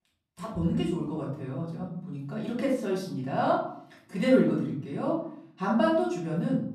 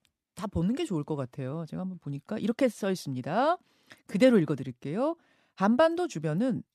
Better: second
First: off-mic speech; far // room echo; noticeable; dies away in 0.7 s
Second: none

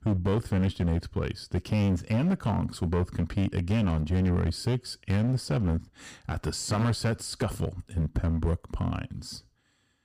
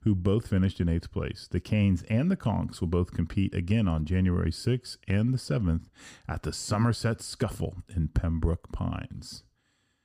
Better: second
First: distortion; slight; 12% of the sound clipped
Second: none

